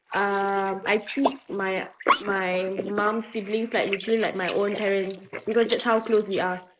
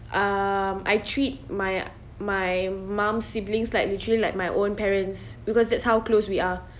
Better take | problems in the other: second | noise reduction (neural mask model Resemble Enhance denoiser)

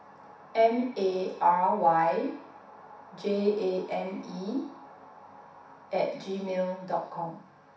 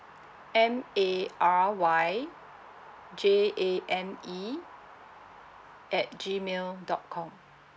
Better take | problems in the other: second | room echo; dies away in 0.7 s

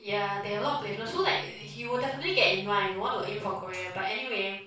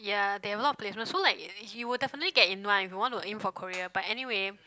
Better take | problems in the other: second | background sound (Guitar); 17 dB below the speech // room echo; dies away in 0.4 s

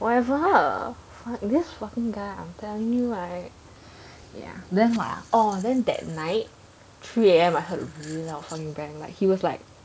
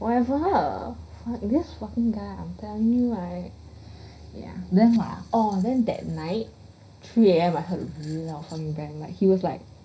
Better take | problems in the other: first | room echo; dies away in 0.5 s

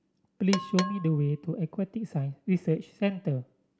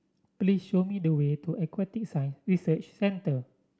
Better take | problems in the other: second | background sound (Percussion); 10 dB below the speech

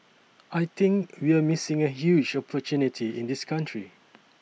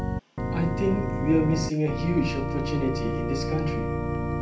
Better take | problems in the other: first | background sound (Organ); as loud as the speech // room echo; dies away in 0.4 s

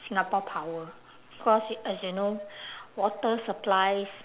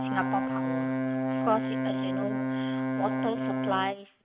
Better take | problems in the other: first | noise reduction (neural mask model RNNoise)

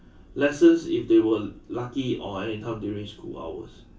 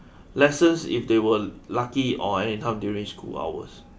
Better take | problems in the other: second | room echo; dies away in 0.2 s

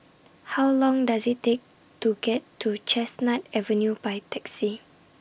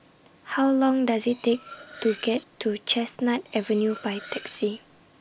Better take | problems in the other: first | background sound (Cutlery, silverware); 20 dB below the speech

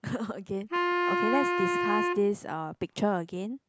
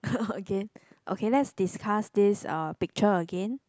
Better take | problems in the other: second | background sound (Wind instrument, woodwind instrument); 1 dB above the speech

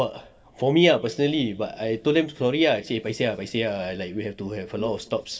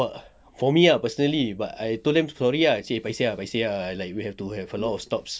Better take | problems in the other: second | room echo; dies away in 2.1 s

